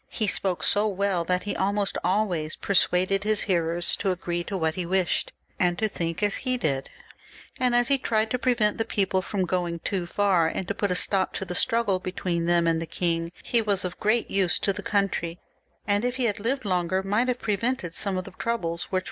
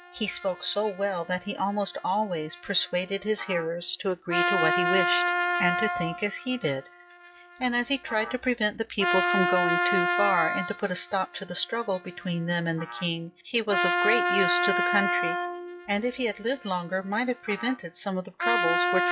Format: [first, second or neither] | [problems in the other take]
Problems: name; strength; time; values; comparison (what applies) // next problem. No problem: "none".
first | noise reduction (classical method log-MMSE)